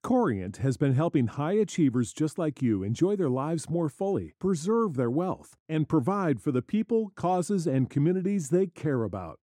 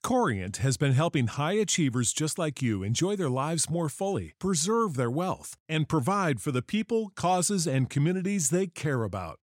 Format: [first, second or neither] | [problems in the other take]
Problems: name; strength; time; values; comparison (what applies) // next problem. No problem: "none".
second | muffled; slightly; fading above 2 kHz